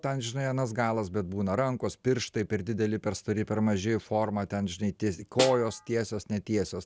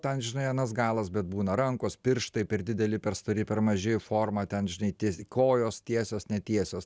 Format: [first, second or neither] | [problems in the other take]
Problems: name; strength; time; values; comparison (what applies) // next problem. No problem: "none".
second | background sound (Snare drum); 8 dB below the speech